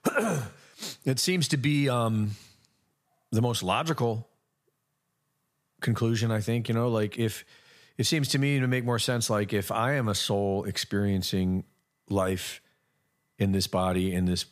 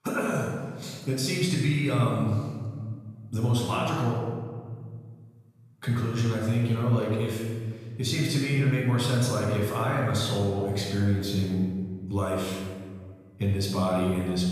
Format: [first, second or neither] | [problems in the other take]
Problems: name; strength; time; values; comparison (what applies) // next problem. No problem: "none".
first | room echo; strong; dies away in 1.7 s // off-mic speech; far